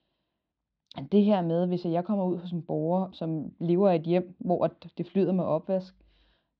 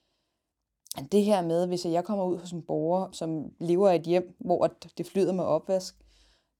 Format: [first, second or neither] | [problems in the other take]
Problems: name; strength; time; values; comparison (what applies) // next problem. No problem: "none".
second | muffled; slightly; fading above 4 kHz